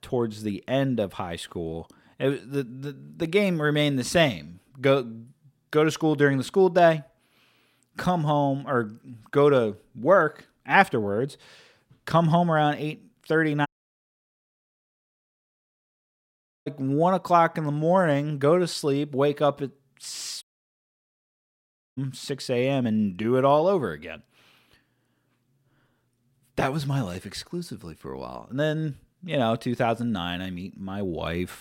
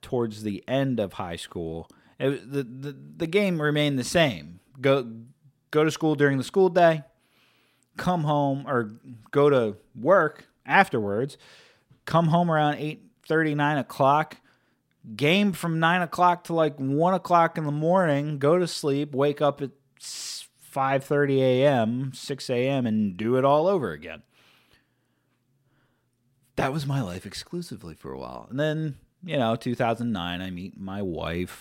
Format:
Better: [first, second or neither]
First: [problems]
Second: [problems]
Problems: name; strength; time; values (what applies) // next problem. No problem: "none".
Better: second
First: audio cutting out; at 14 s for 3 s and at 20 s for 1.5 s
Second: none